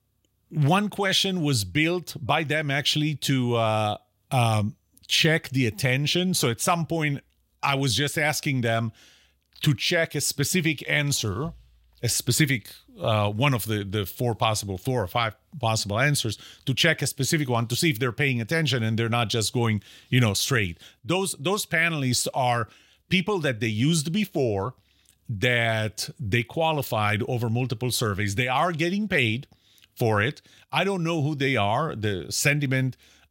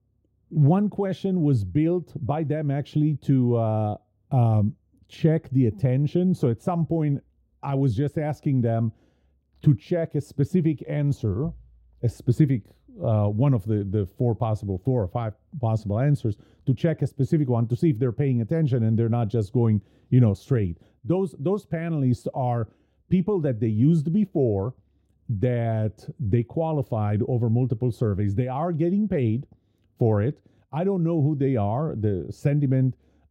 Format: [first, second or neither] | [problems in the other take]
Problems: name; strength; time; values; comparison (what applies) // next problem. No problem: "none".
first | muffled; very; fading above 1 kHz